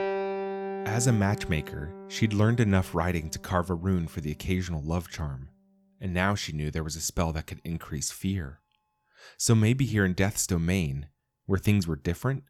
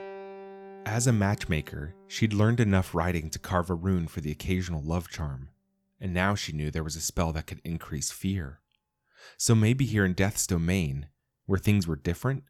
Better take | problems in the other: second | background music; loud; throughout; 10 dB below the speech; faint in the second

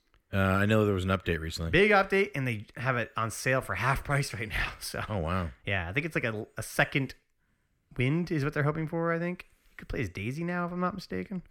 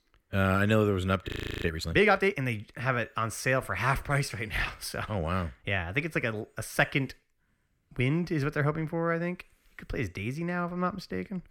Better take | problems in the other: first | audio freezing; at 1.5 s

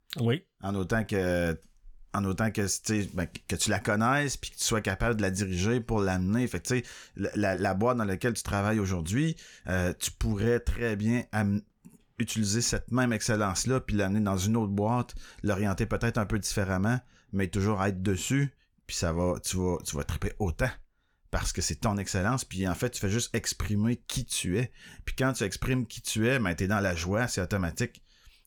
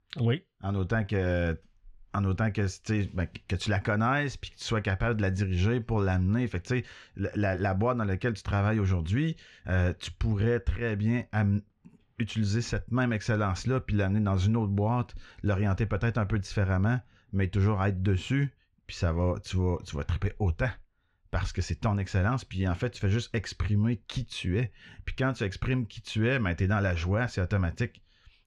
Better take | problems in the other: first | muffled; slightly; fading above 3 kHz

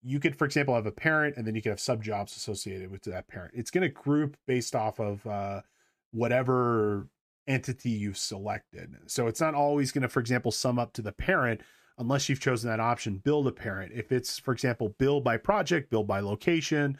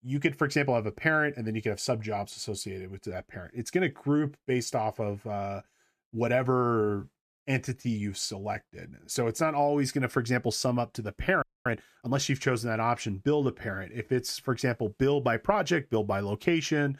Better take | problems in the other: first | audio freezing; at 11 s

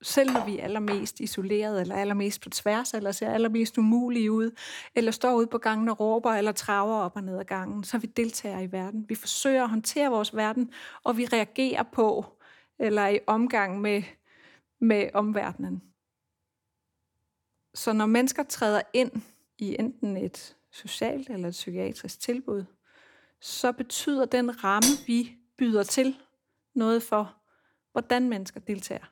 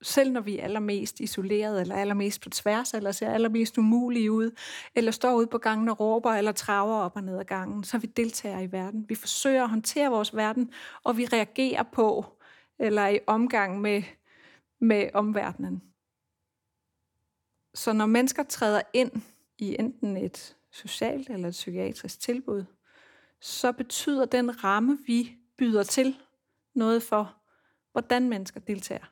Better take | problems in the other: second | clattering dishes; noticeable; at 0.5 s; peak 5 dB below the speech // clattering dishes; loud; at 25 s; peak 3 dB above the speech

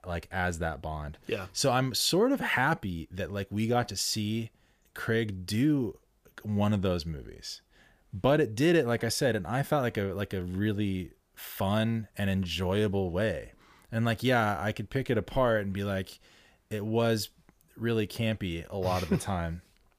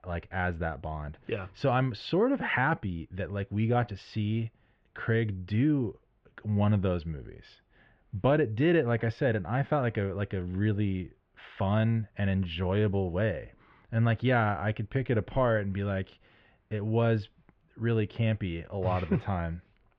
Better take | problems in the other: first | muffled; very; fading above 3 kHz

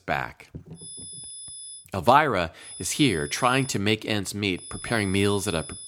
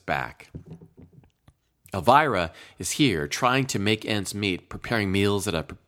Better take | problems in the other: second | high-pitched whine; noticeable; from 1 to 2 s, from 2.5 to 3.5 s and from 4.5 s on; 10 kHz, 15 dB below the speech

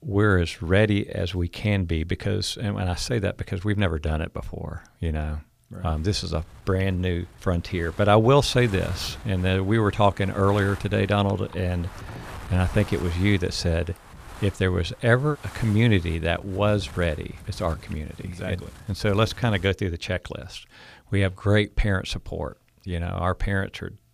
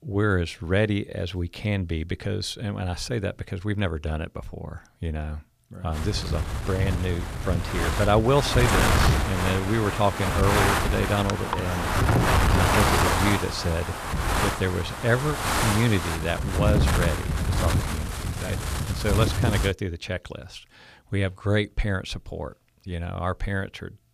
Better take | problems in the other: first | wind noise on the microphone; heavy; from 6 to 20 s; 3 dB above the speech; occasional gusts in the first

